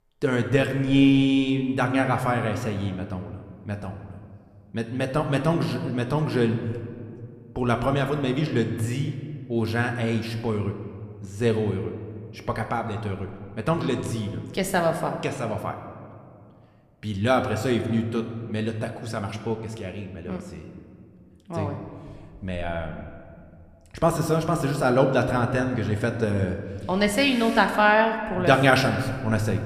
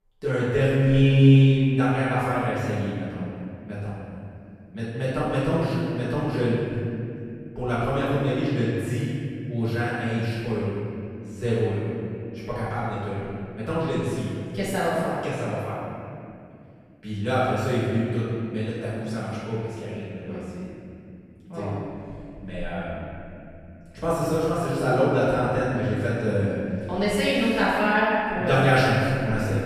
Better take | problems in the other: first | room echo; strong; dies away in 2.5 s; slight in the first // off-mic speech; far

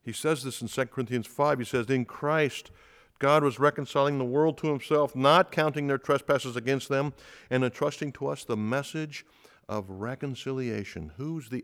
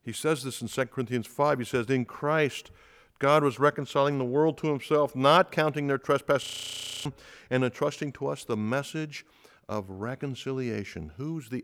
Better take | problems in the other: first | audio freezing; at 6.5 s for 0.5 s

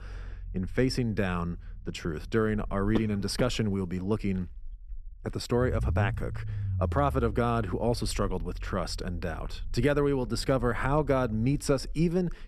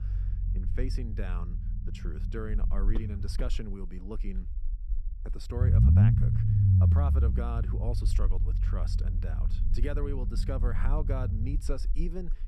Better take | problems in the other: first | low rumble; loud; throughout; 1 dB below the speech; faint in the first

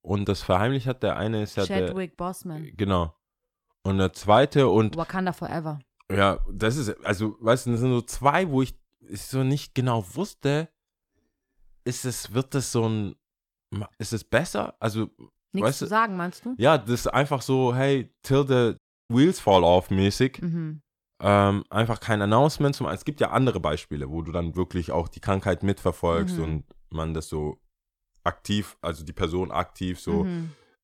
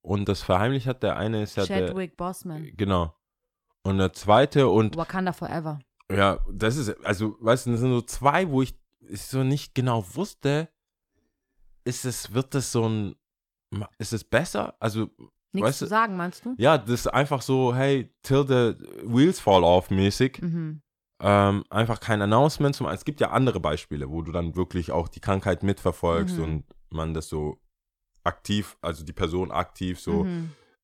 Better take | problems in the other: second | audio cutting out; at 19 s

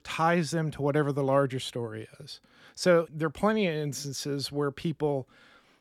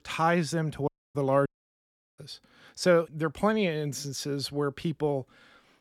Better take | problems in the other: first | audio cutting out; at 1 s and at 1.5 s for 0.5 s

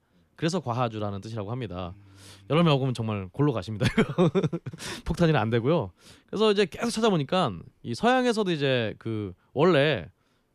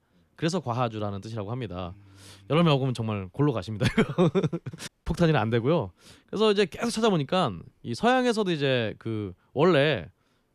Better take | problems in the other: first | audio cutting out; at 5 s

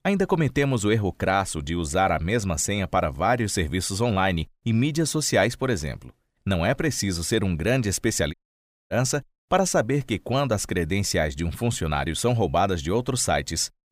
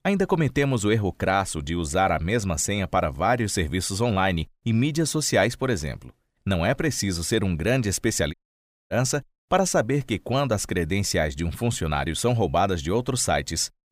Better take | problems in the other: neither | audio cutting out; at 8.5 s for 0.5 s; the same in both

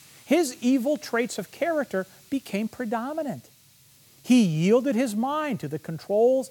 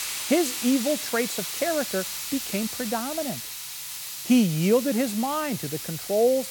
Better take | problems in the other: first | hiss; loud; throughout; 5 dB below the speech; faint in the first

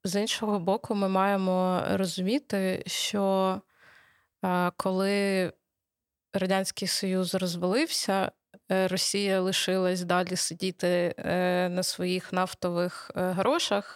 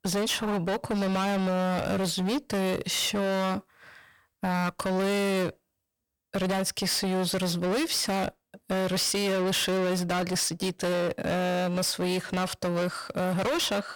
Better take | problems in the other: first | distortion; heavy; 31% of the sound clipped

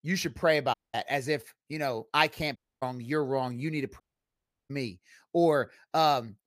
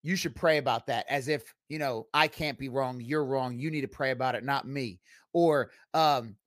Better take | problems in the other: second | audio cutting out; at 0.5 s, at 2.5 s and at 4 s for 0.5 s

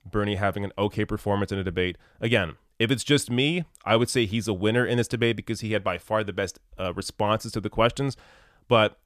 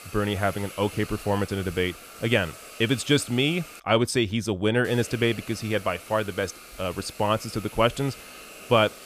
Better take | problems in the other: first | hiss; noticeable; until 4 s and from 5 s on; 15 dB below the speech

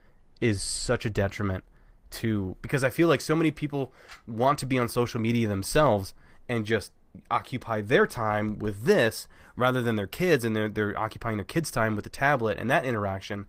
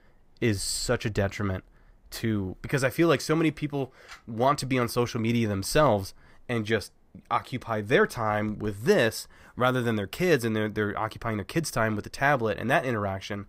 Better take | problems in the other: second | garbled, watery; slightly; nothing above 15.5 kHz

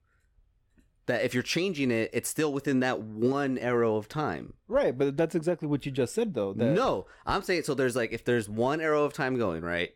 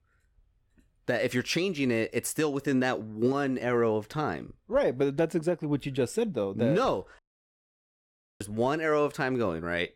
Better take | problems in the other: first | audio cutting out; at 7 s for 1 s

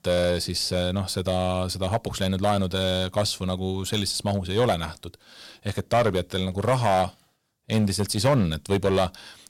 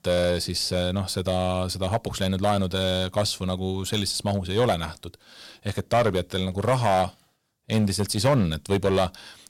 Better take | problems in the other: neither | distortion; slight; 4% of the sound clipped; the same in both

